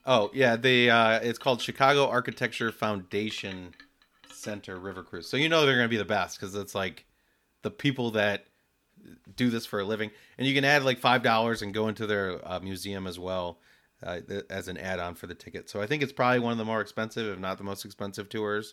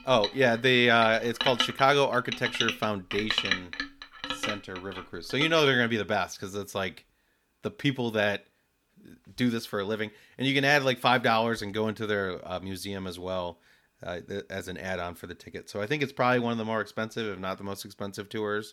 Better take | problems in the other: first | household noises; loud; until 5.5 s; 5 dB below the speech; faint in the first

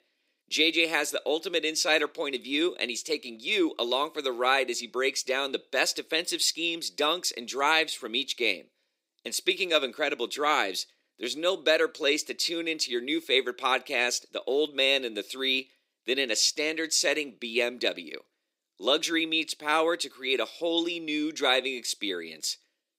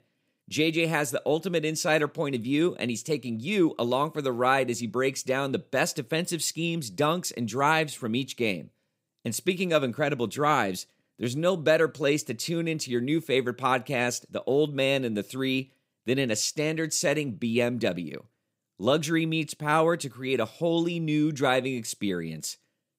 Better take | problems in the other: second | thin; somewhat; fading below 350 Hz

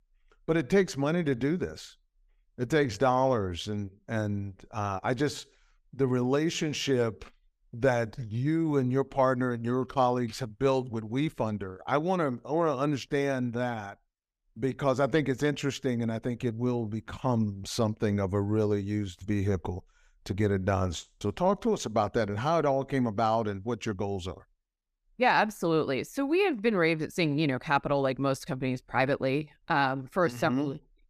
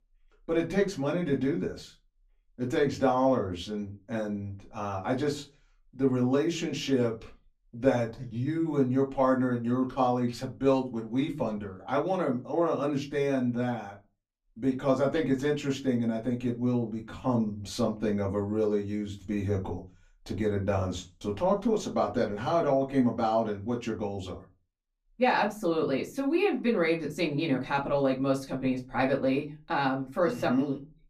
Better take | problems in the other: first | off-mic speech; far // room echo; very slight; dies away in 0.2 s

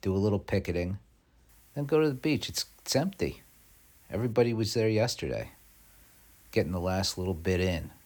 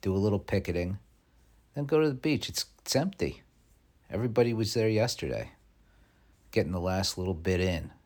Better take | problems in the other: second | hiss; faint; from 1.5 to 4.5 s and from 5.5 s on; 25 dB below the speech

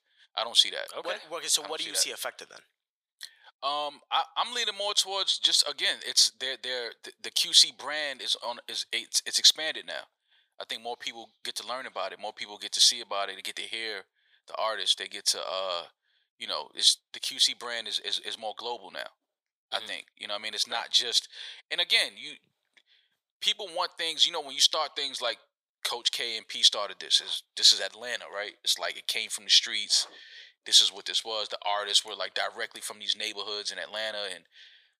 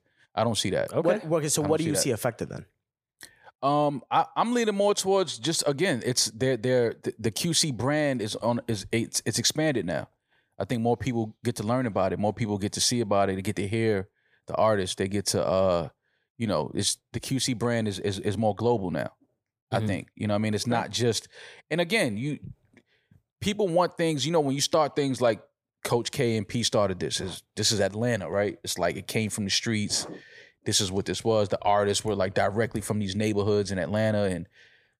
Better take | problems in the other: second | thin; very; fading below 1 kHz

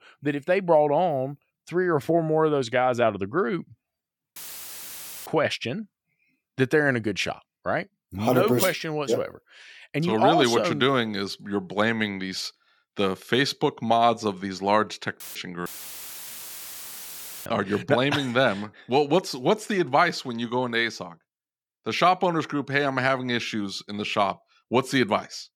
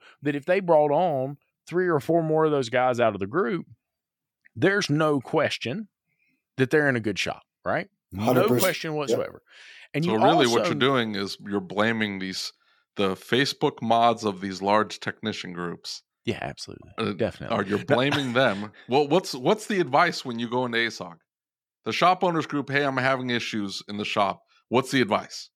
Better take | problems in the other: second | audio cutting out; filled with static; at 4.5 s for 1 s, at 15 s and at 16 s for 2 s

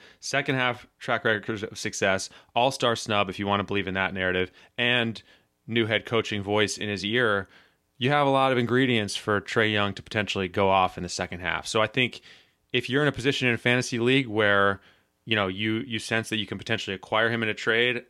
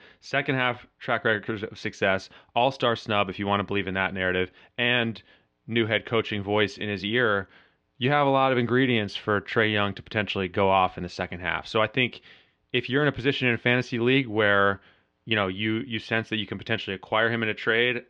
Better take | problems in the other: first | muffled; slightly; fading above 3.5 kHz

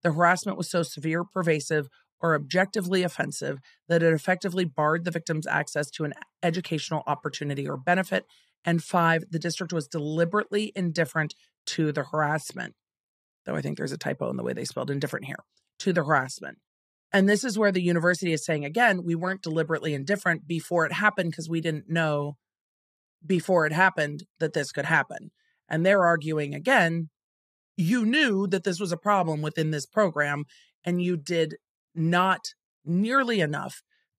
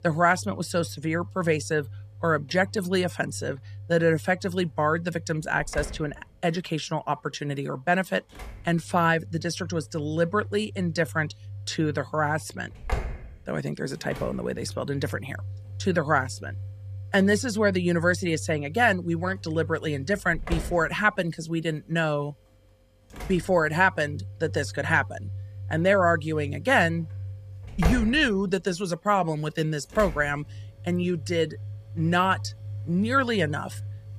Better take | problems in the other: first | household noises; noticeable; throughout; 15 dB below the speech

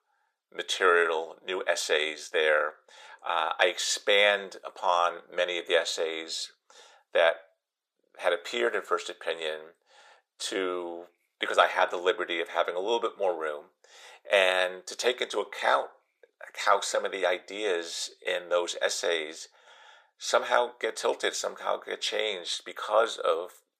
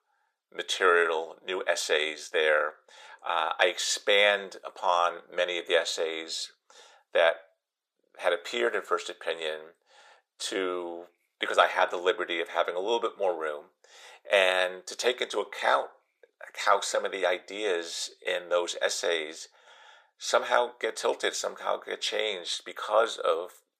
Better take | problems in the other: neither | thin; very; fading below 400 Hz; the same in both

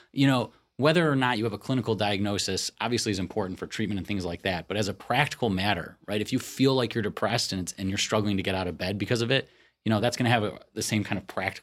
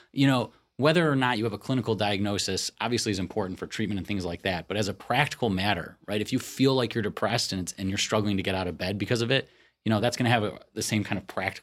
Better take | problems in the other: neither | none

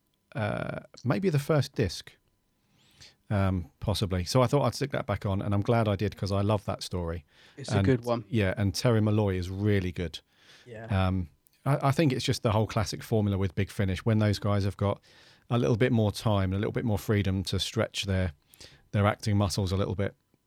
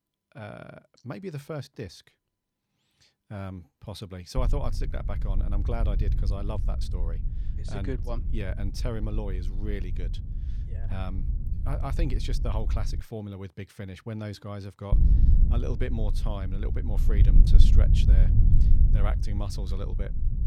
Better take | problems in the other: first | low rumble; loud; from 4.5 to 13 s and from 15 s on; 6 dB below the speech

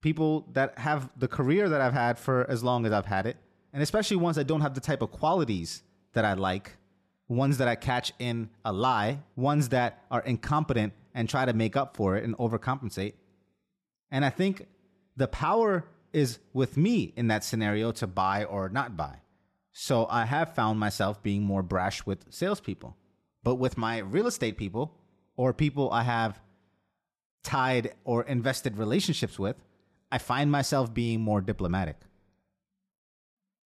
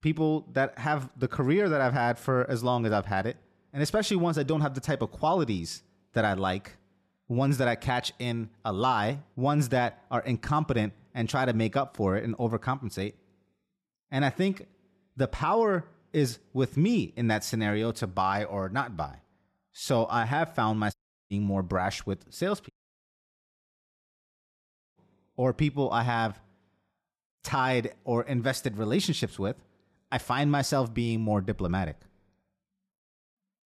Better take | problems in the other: first | audio cutting out; at 21 s and at 23 s for 2.5 s

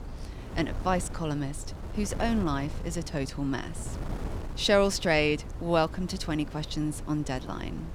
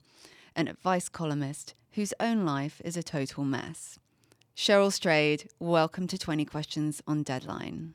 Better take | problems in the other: second | wind noise on the microphone; occasional gusts; 15 dB below the speech

